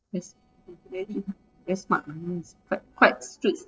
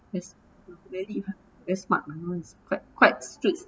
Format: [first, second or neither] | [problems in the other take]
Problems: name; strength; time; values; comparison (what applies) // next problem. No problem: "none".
second | noise reduction (neural separator model SepFormer DNS4)